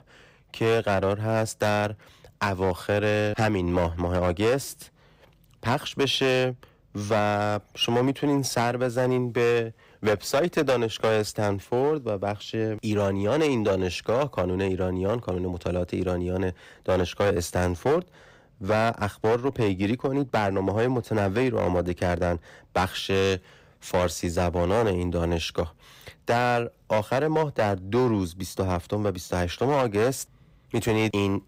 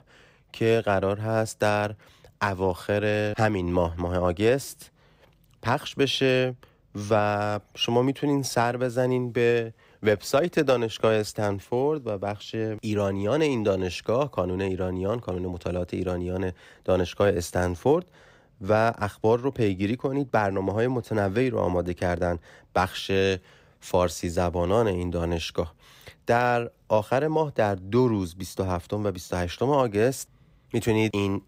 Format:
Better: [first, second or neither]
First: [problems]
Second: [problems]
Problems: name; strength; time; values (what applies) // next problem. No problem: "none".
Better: second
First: distortion; slight; 7% of the sound clipped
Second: none